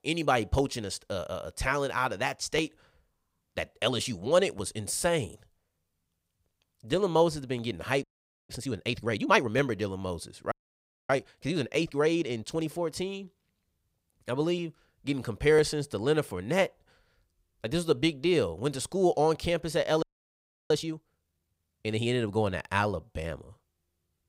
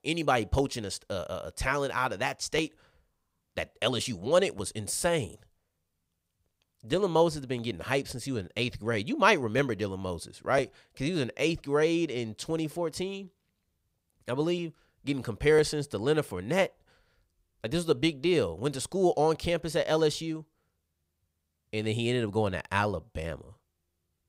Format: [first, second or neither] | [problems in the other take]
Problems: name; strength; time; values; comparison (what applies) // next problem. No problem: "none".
second | audio freezing; at 8 s, at 11 s for 0.5 s and at 20 s for 0.5 s